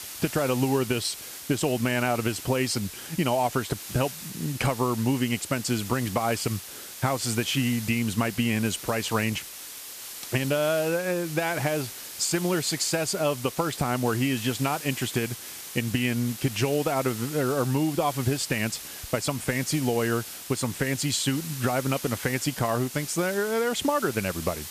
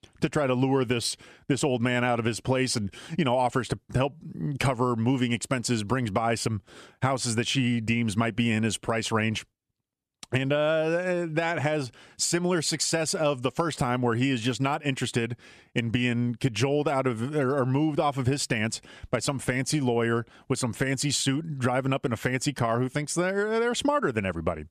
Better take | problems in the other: second | hiss; loud; throughout; 10 dB below the speech

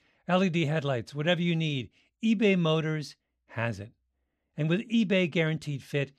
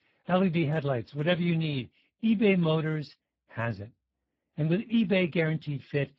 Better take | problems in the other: first | garbled, watery; badly

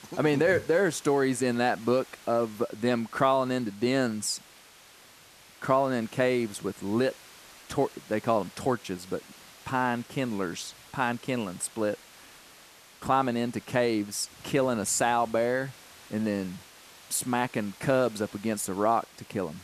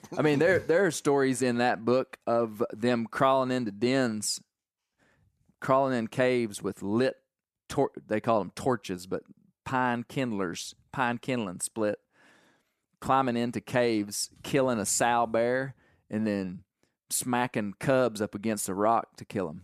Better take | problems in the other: second | hiss; faint; throughout; 20 dB below the speech

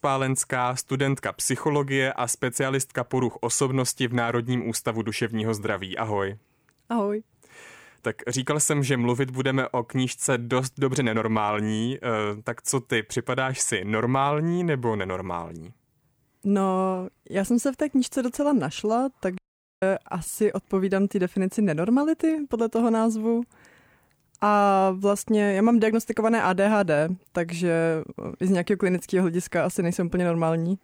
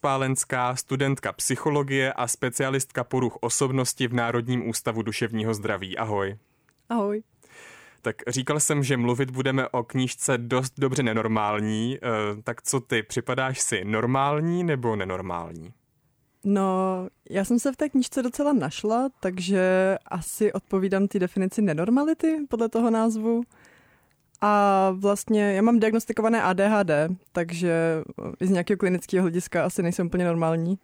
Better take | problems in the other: second | audio cutting out; at 19 s

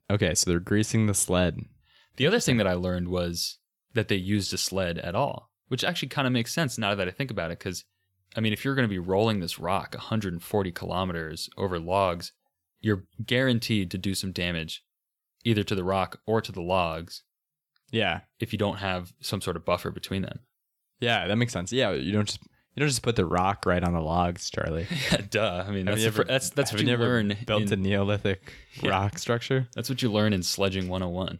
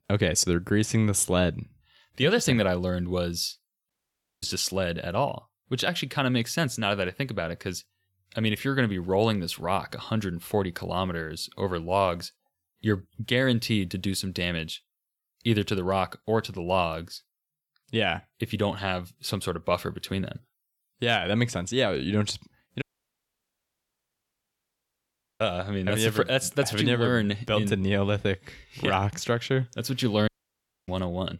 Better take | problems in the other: first | audio cutting out; at 4 s for 0.5 s, at 23 s for 2.5 s and at 30 s for 0.5 s

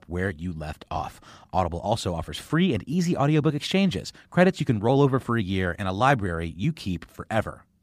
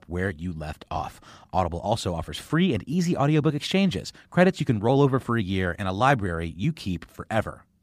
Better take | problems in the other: neither | none

